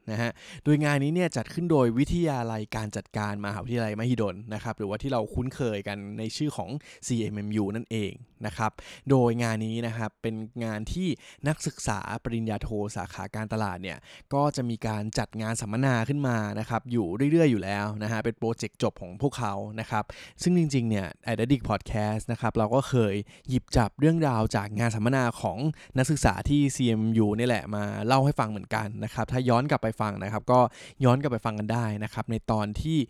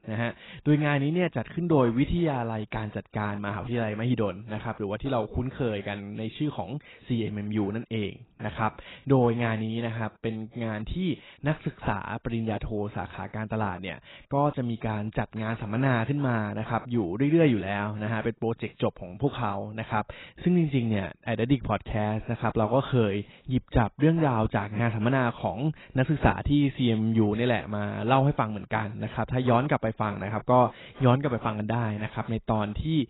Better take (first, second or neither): first